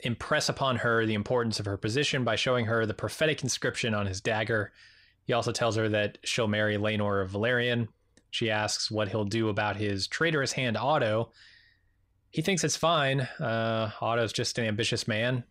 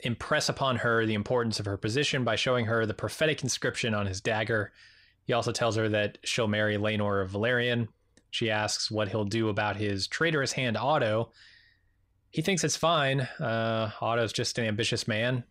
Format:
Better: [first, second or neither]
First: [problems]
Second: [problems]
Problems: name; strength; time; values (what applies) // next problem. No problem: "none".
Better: neither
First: none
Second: none